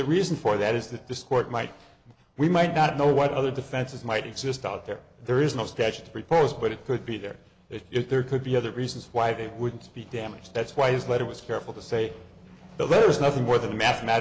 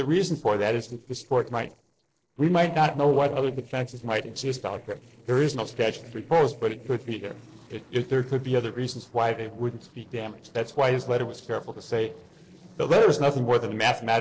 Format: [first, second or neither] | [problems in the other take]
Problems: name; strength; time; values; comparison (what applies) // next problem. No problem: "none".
first | noise reduction (neural separator model SepFormer DNS4)